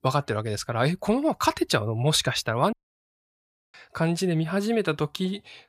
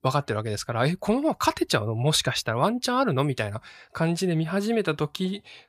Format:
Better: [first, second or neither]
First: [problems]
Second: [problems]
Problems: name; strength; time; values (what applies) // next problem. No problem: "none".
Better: second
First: audio cutting out; at 2.5 s for 1 s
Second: none